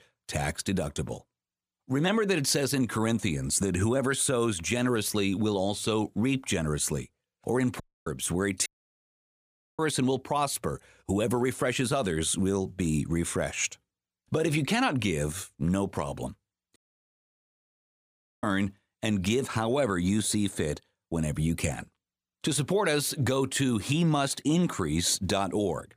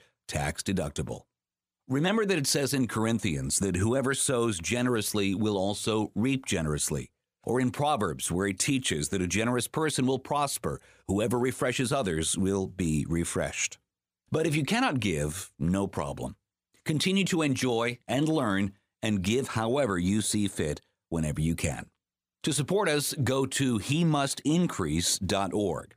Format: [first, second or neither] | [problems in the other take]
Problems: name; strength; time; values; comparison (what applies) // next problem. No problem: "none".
second | audio cutting out; at 8 s, at 8.5 s for 1 s and at 17 s for 1.5 s